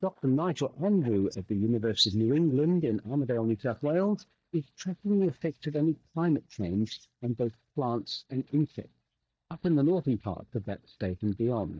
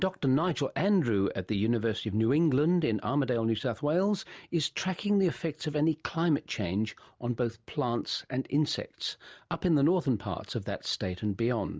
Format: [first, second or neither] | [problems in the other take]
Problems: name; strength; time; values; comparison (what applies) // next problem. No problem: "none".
second | noise reduction (neural mask model DeepFilterNet 3)